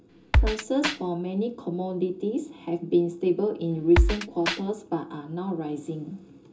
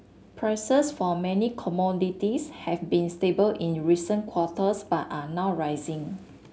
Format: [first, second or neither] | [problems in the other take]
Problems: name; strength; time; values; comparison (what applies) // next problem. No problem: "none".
second | background sound (Drum kit); 3 dB above the speech // room echo; dies away in 0.2 s